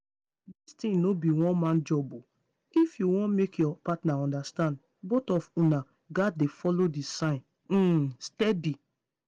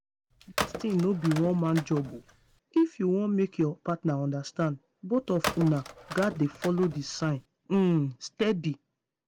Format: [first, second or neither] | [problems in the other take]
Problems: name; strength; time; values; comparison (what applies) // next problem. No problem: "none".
first | background sound (Telephone); 10 dB below the speech